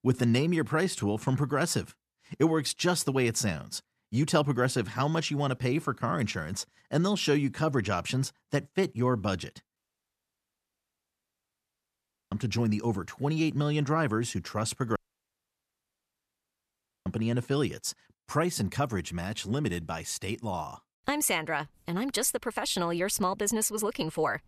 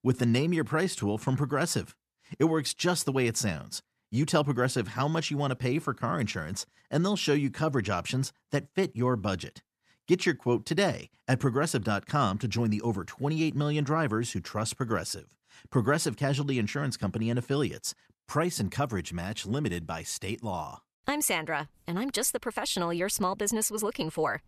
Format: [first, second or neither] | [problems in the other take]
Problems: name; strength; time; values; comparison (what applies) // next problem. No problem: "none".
second | audio cutting out; at 10 s for 2.5 s and at 15 s for 2 s